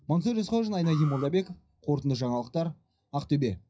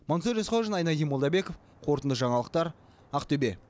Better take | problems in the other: second | noise reduction (classical method WPE with log-MMSE)

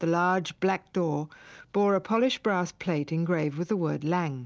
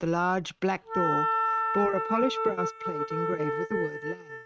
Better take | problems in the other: first | noise reduction (neural mask model RNNoise)

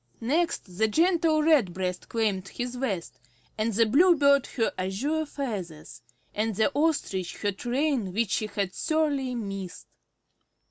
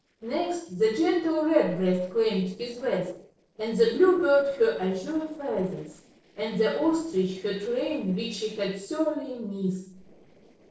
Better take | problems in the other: first | noise reduction (neural separator model SepFormer DNS4)

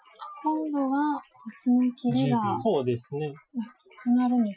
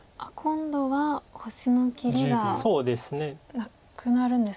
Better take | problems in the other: second | noise reduction (classical method Wiener filter)

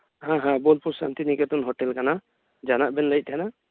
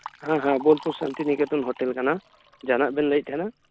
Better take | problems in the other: first | background sound (Liquid); 18 dB below the speech

